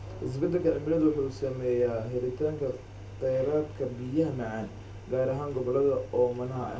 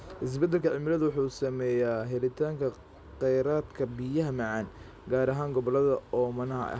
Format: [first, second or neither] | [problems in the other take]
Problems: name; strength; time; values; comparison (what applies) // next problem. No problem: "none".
second | background sound (Engine); 15 dB below the speech // room echo; dies away in 0.3 s